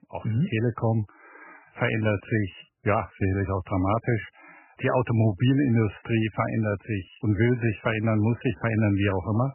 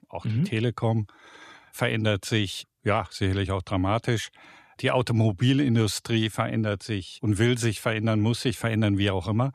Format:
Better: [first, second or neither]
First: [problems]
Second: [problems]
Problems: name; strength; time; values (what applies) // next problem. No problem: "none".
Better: second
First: garbled, watery; badly; nothing above 3 kHz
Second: none